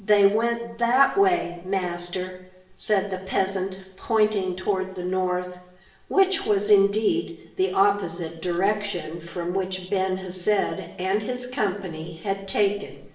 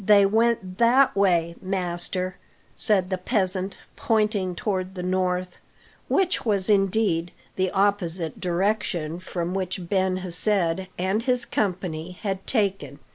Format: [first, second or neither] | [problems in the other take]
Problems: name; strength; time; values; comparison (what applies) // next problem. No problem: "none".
second | room echo; dies away in 0.7 s